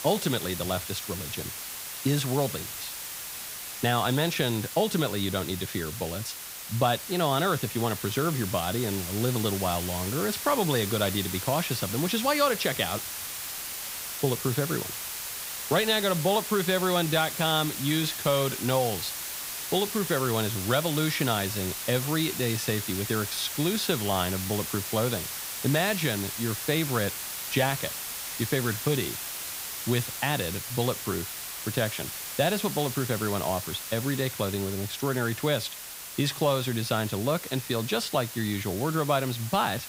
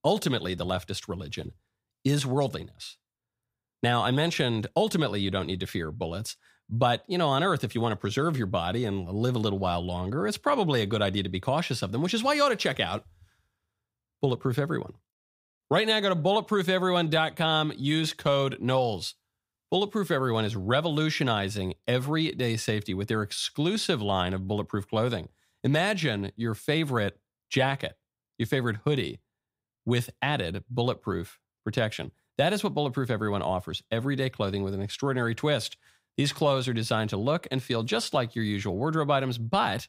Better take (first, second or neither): second